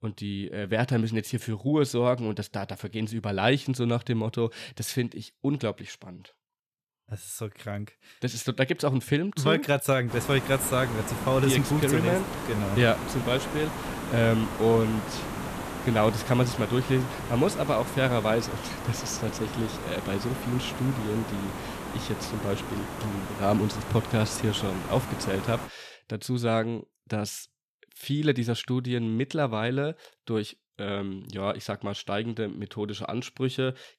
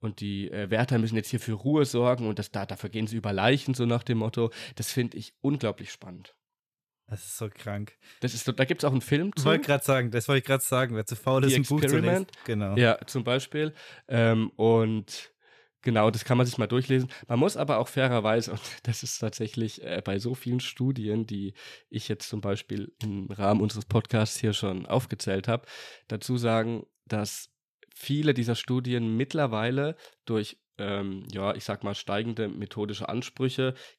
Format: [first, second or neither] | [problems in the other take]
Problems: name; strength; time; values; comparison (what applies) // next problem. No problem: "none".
second | hiss; loud; from 10 to 26 s; 7 dB below the speech